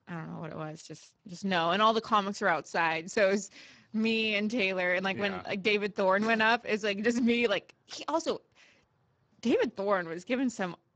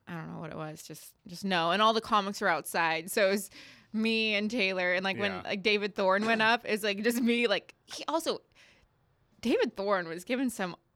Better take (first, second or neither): second